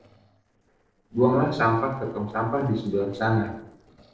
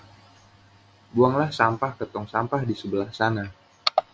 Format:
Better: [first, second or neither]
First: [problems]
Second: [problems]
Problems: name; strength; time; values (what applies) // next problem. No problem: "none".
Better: second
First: noise reduction (neural separator model SepFormer DNS4)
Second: none